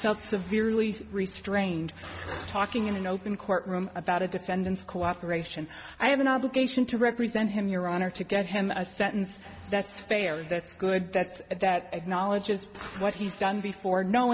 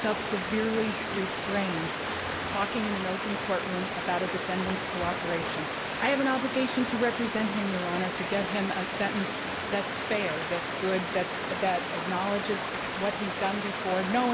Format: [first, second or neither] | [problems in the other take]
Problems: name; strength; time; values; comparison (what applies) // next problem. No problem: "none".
first | background sound (Stream); 2 dB below the speech